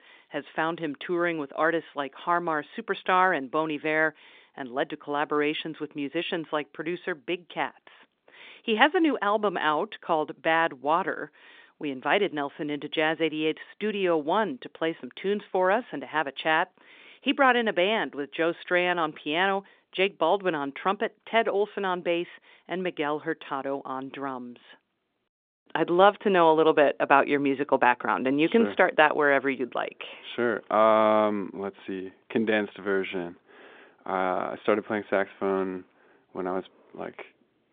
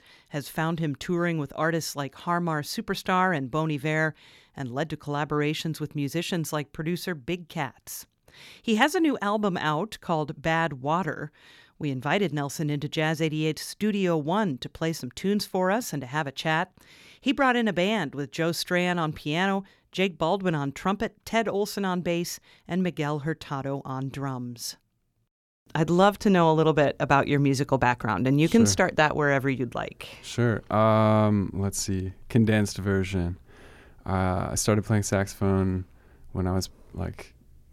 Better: second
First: phone-call audio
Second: none

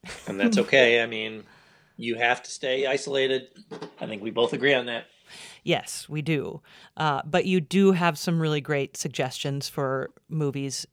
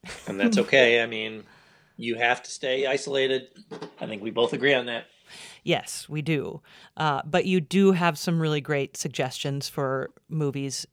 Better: neither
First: none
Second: none

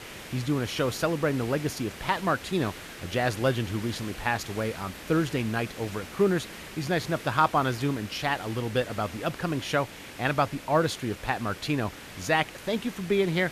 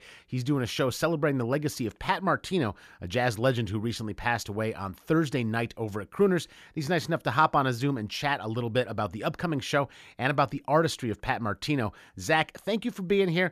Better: second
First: hiss; noticeable; throughout; 15 dB below the speech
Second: none

